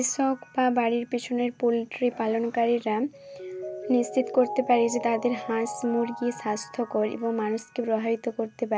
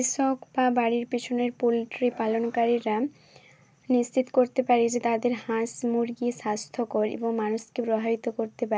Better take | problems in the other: second | background sound (Mallet percussion); 14 dB below the speech

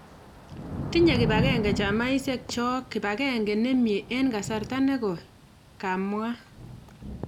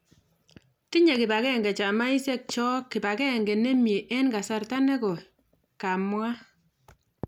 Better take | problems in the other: second | background sound (Thunder / Rain); 7 dB below the speech

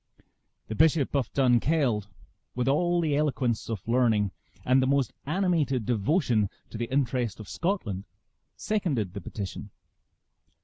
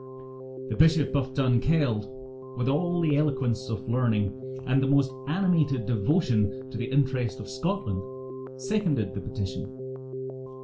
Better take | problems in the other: first | background sound (Keyboard (musical)); 10 dB below the speech // room echo; dies away in 0.2 s

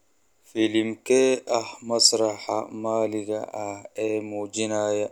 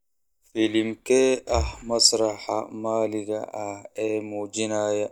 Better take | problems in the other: first | noise reduction (neural mask model DeepFilterNet 3)

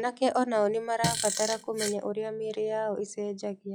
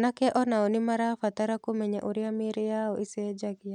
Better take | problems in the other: second | noise reduction (classical method log-MMSE)

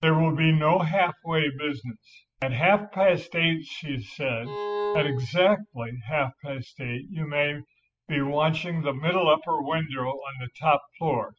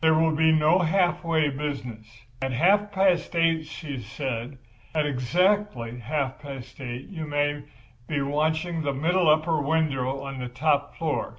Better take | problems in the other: second | noise reduction (classical method spectral subtraction)

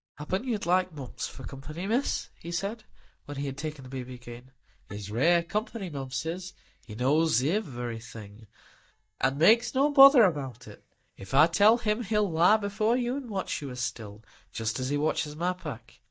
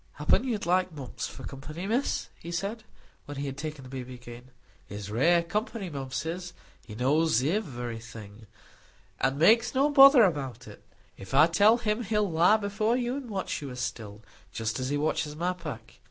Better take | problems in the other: second | noise reduction (neural mask model DeepFilterNet 3)

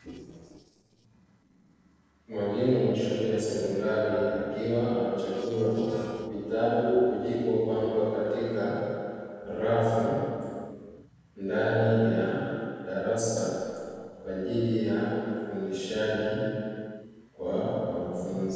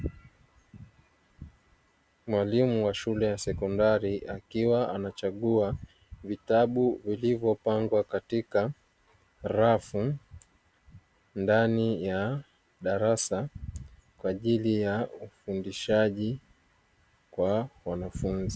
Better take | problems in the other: second | noise reduction (neural separator model SepFormer DNS4)

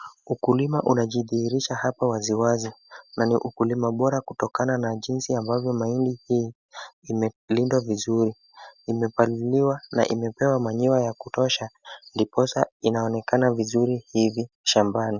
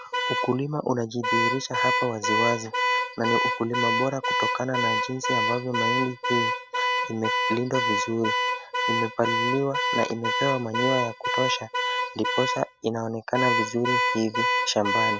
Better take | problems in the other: first | background sound (Alarm / Car); 2 dB above the speech

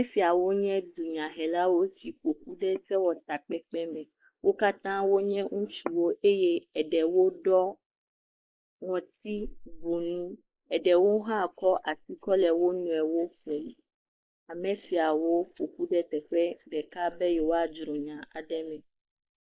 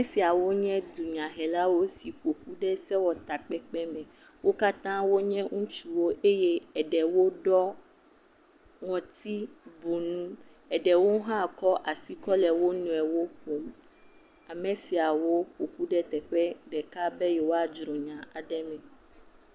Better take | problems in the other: second | noise reduction (neural mask model Resemble Enhance denoiser)

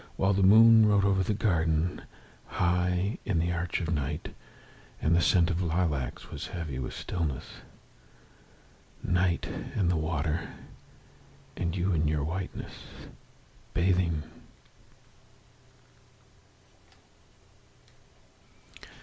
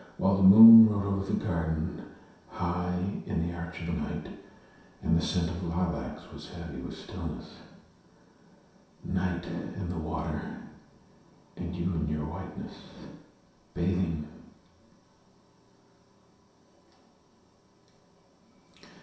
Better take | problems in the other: first | room echo; dies away in 0.7 s

